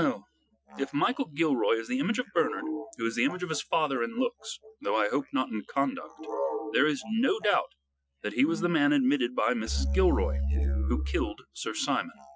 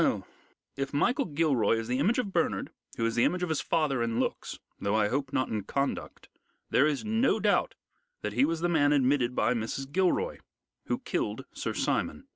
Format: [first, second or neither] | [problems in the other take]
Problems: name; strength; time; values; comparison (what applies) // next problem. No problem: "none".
second | noise reduction (classical method Wiener filter)